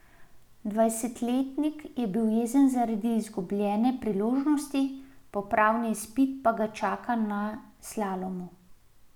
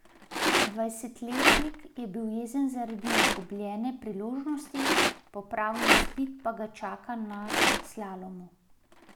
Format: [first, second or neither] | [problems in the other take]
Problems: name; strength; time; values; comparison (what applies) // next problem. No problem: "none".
first | background sound (Rattle); 5 dB above the speech